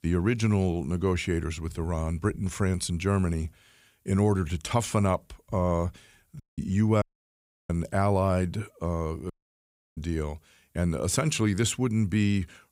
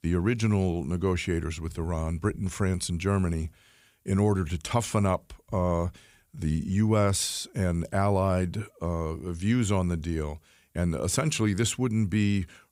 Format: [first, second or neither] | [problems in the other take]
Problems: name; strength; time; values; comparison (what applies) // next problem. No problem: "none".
second | audio cutting out; at 6.5 s, at 7 s for 0.5 s and at 9.5 s for 0.5 s